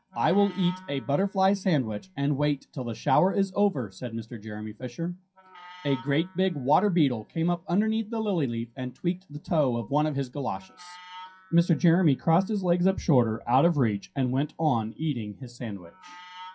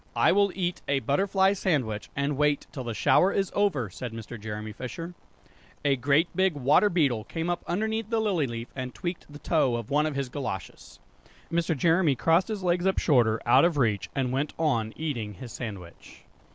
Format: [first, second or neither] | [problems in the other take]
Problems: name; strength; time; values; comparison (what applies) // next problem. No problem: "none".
second | noise reduction (classical method WPE with log-MMSE)